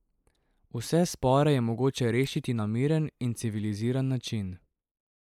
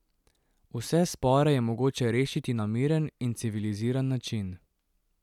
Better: second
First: noise reduction (neural mask model Resemble Enhance denoiser)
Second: none

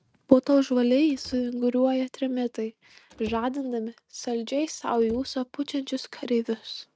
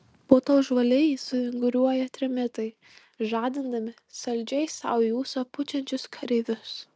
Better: second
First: noise reduction (neural mask model RNNoise)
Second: none

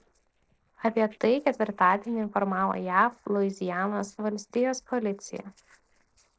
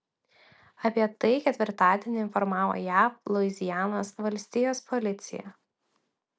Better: second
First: noise reduction (neural separator model SepFormer DNS4)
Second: none

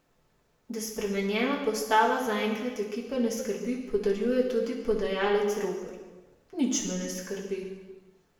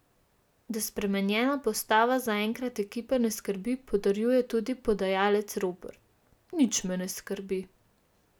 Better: second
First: room echo; dies away in 1.2 s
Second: none

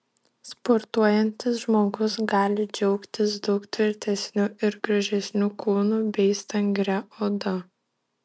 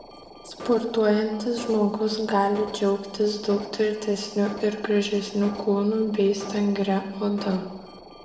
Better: first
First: none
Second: background sound (Alarm); 16 dB below the speech // room echo; dies away in 0.9 s

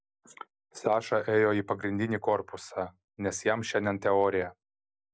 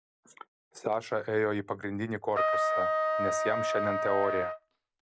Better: first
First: none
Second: background sound (Trumpet); 3 dB above the speech

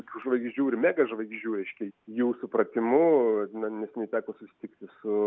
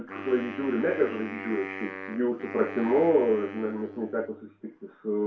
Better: first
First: none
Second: background sound (Wind instrument, woodwind instrument); 12 dB below the speech // room echo; dies away in 0.2 s

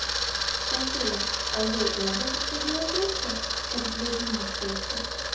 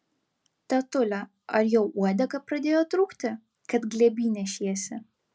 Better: second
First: background sound (Camera); 4 dB above the speech // room echo; dies away in 0.8 s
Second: none

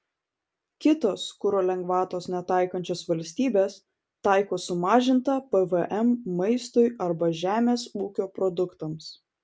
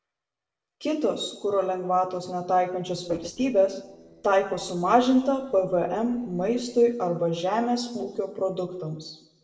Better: first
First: none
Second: noise reduction (neural separator model SepFormer DNS4)

